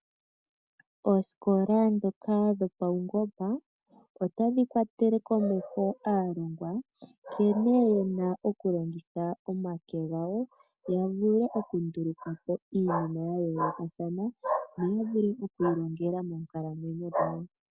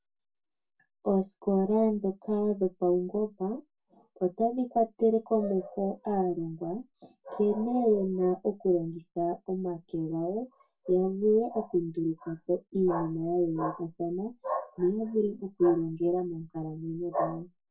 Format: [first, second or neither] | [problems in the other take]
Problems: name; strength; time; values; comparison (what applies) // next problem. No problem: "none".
first | room echo; dies away in 0.1 s